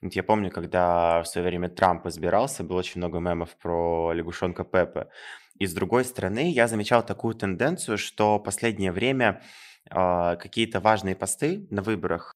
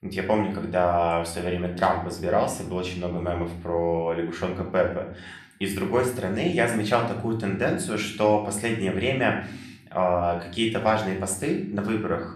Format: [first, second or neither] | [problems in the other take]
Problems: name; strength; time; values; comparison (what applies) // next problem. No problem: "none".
first | room echo; slight; dies away in 0.6 s // off-mic speech; somewhat distant